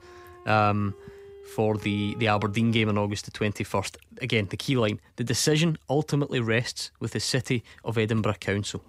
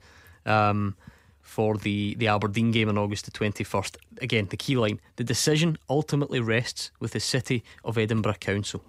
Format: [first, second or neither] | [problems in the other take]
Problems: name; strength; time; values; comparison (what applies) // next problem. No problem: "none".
second | background music; faint; until 3 s; 20 dB below the speech